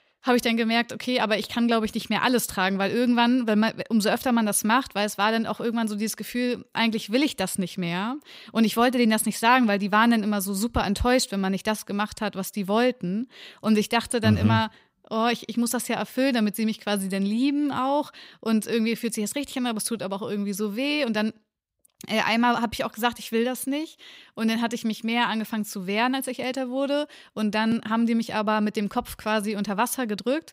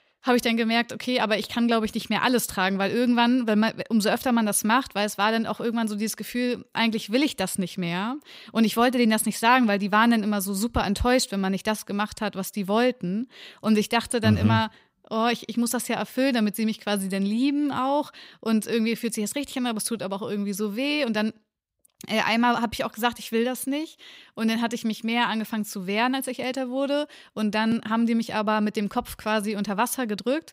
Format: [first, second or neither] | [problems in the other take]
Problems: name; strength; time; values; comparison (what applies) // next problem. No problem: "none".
neither | none